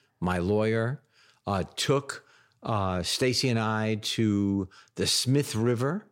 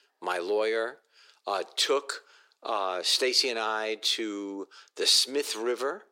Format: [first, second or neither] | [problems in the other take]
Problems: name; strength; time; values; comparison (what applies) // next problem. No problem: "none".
first | thin; very; fading below 350 Hz